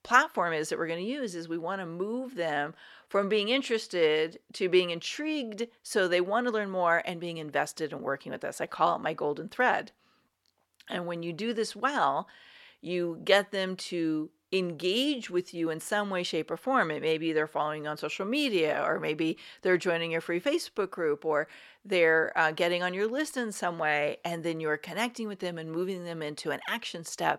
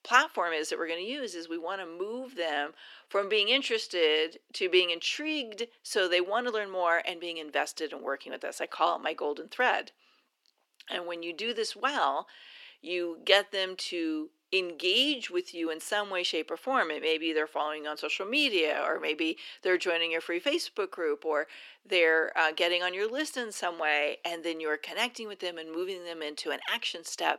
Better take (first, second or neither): first